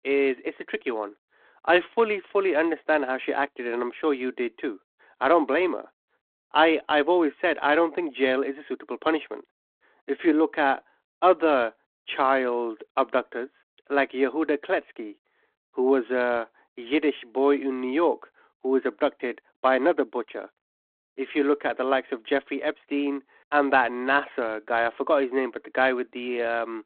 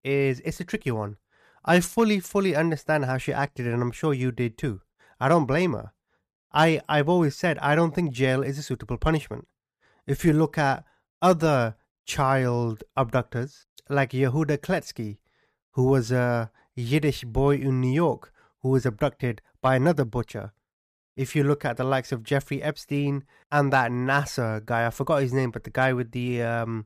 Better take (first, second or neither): second